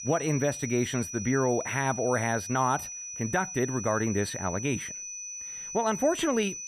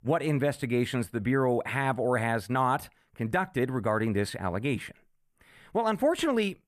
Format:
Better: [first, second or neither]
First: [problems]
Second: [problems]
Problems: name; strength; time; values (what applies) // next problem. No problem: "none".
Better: second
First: high-pitched whine; loud; throughout; 6 kHz, 7 dB below the speech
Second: none